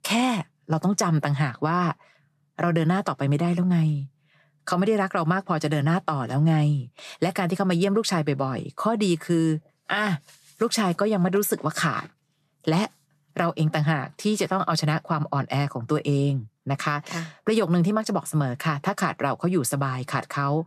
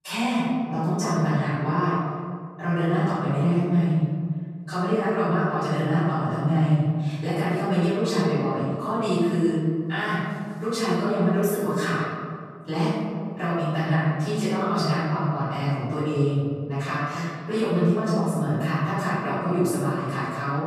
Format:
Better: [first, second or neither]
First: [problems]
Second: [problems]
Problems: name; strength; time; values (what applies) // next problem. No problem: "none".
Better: first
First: none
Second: room echo; strong; dies away in 1.9 s // off-mic speech; far